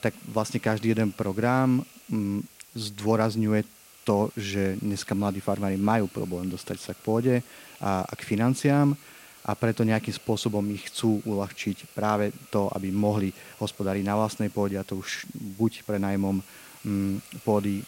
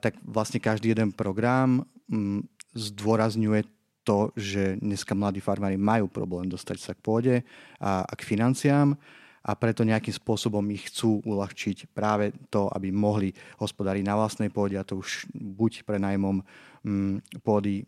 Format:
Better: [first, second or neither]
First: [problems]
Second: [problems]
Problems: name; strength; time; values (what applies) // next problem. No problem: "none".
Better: second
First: hiss; faint; throughout; 20 dB below the speech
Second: none